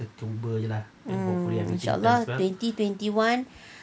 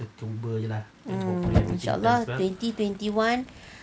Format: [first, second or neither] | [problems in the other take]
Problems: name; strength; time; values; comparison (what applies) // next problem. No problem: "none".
first | background sound (Fire); 8 dB below the speech